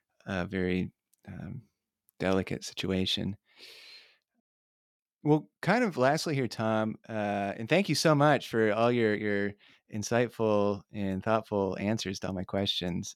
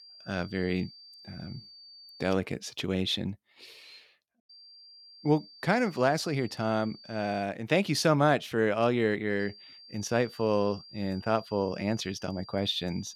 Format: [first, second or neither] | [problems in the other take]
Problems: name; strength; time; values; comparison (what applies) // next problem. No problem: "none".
first | high-pitched whine; noticeable; until 2.5 s, from 4.5 to 7.5 s and from 9.5 s on; 4.5 kHz, 20 dB below the speech